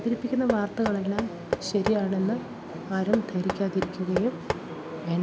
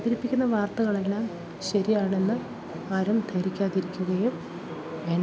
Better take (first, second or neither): second